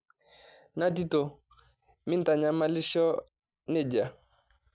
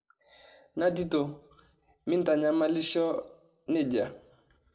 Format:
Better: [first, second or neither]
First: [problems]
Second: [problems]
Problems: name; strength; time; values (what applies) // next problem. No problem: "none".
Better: first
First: none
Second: room echo; dies away in 0.3 s